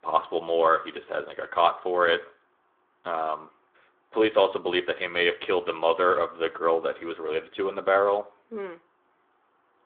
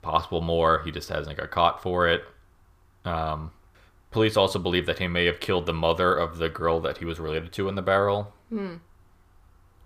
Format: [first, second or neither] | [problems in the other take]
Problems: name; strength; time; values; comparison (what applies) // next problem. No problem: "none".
second | phone-call audio; nothing above 3.5 kHz